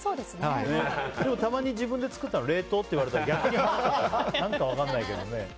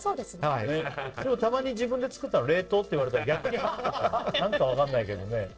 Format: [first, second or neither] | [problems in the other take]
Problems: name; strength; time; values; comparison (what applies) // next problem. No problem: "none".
first | noise reduction (neural separator model SepFormer DNS4)